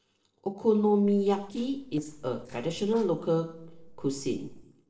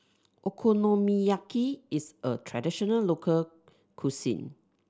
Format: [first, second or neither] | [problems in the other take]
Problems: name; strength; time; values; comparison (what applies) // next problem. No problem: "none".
second | noise reduction (neural separator model SepFormer DNS4)